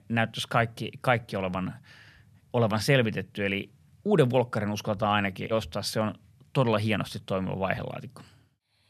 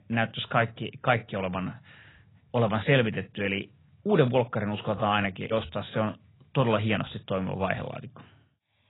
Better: first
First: none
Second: garbled, watery; badly; nothing above 3.5 kHz

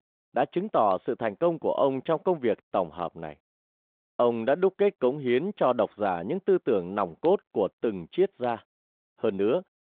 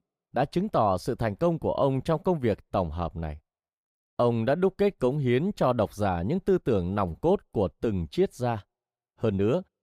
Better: second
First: phone-call audio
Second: none

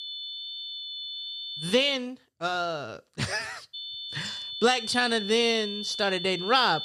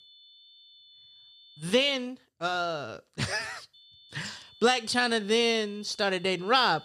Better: second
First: high-pitched whine; loud; until 2 s and from 3.5 s on; 3.5 kHz, 7 dB below the speech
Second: high-pitched whine; faint; until 2 s and from 3.5 s on; 3.5 kHz, 25 dB below the speech

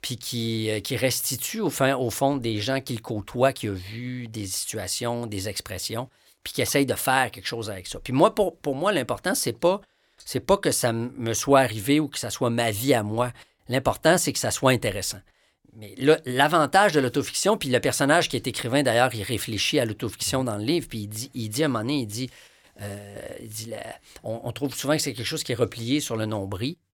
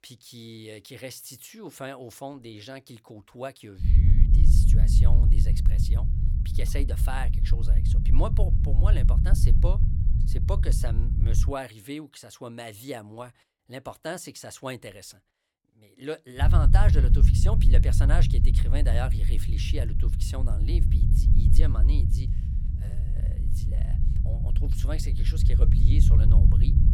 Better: first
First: none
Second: low rumble; loud; from 4 to 11 s and from 16 s on; 3 dB below the speech

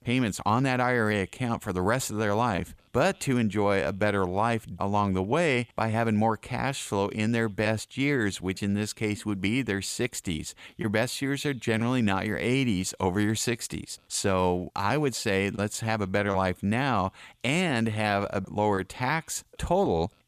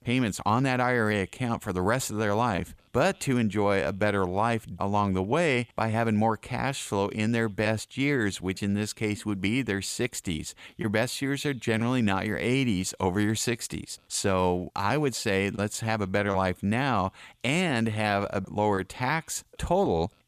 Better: neither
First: none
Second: none

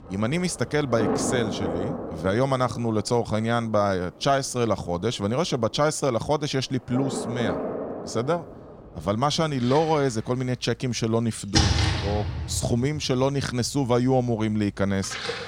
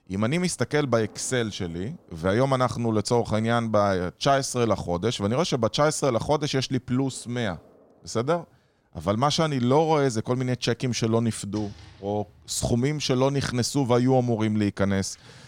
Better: second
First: rain or running water; loud; throughout; 4 dB below the speech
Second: rain or running water; faint; throughout; 30 dB below the speech

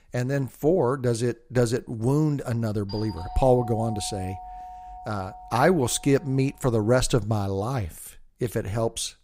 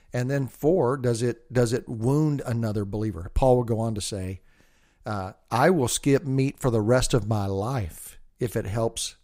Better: second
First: doorbell; faint; from 3 to 6.5 s; peak 10 dB below the speech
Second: none

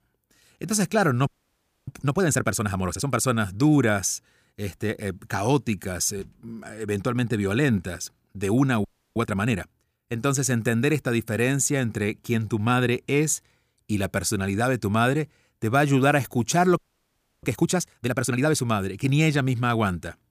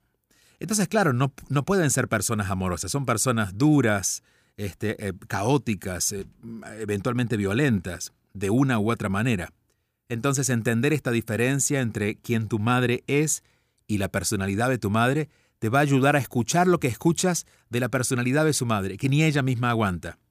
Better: second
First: audio freezing; at 1.5 s for 0.5 s, at 9 s and at 17 s for 0.5 s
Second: none

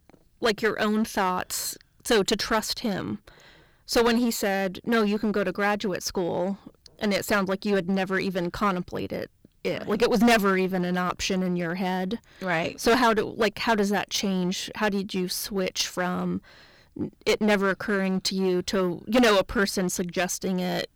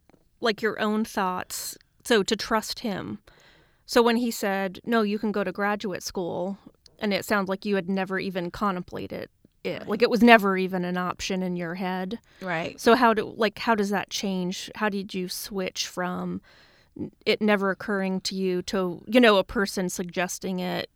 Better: second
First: distortion; heavy; 7% of the sound clipped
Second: none

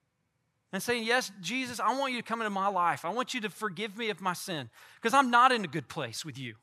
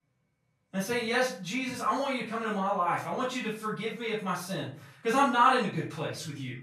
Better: first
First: none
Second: off-mic speech; far // room echo; noticeable; dies away in 0.4 s

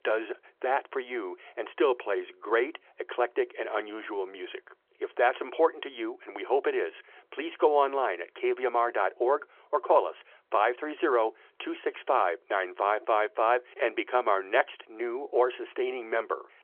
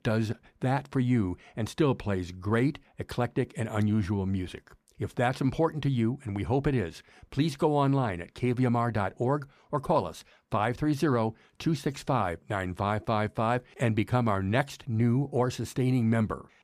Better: second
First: phone-call audio; nothing above 3.5 kHz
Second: none

